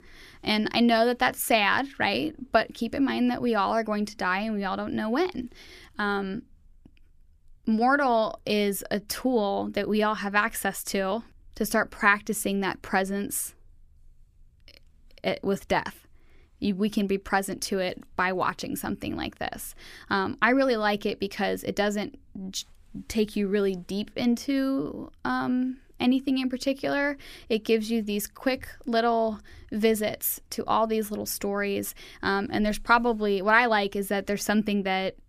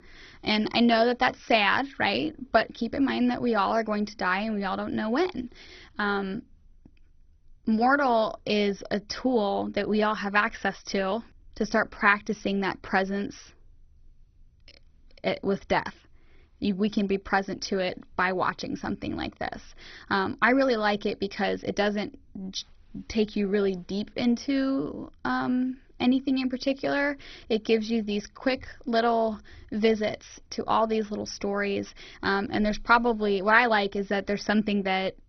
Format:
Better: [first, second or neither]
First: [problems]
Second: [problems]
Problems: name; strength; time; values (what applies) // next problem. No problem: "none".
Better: first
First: none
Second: garbled, watery; badly; nothing above 6 kHz